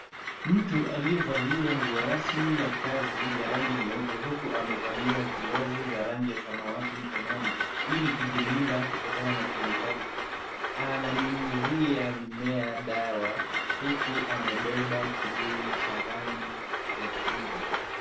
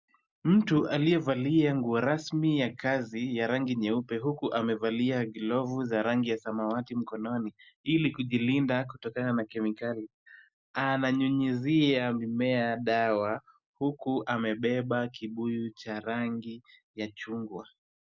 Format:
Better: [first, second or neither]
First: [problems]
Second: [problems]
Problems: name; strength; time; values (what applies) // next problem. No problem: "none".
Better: second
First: background sound (Train); as loud as the speech // room echo; dies away in 0.4 s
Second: none